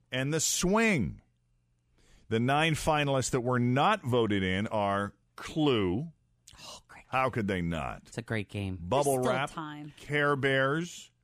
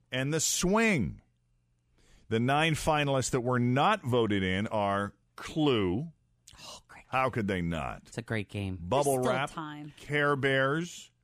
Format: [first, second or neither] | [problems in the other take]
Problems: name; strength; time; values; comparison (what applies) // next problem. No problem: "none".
neither | none